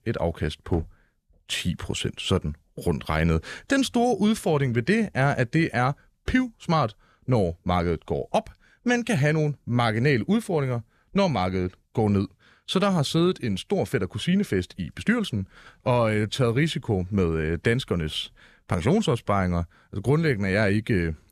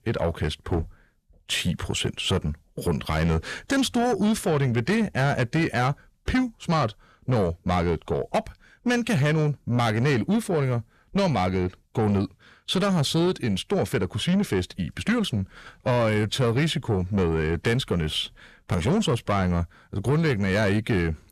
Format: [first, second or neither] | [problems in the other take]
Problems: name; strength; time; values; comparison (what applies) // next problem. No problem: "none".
first | distortion; slight; 10 dB below the speech